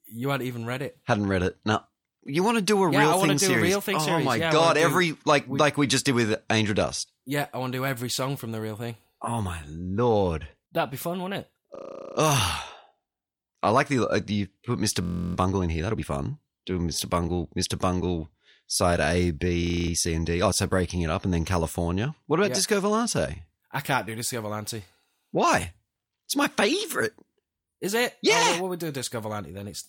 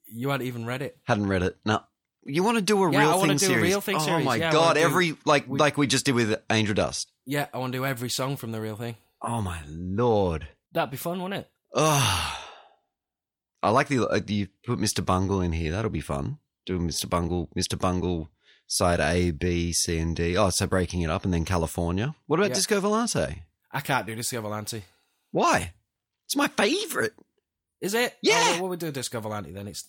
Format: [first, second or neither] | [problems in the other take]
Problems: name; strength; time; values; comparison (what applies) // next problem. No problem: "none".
second | audio freezing; at 12 s, at 15 s and at 20 s